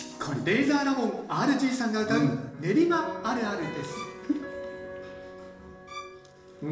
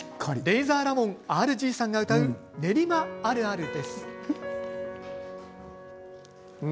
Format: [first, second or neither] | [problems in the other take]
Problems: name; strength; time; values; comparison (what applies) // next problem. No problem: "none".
second | background sound (Bowed string instrument); 16 dB below the speech // room echo; dies away in 1 s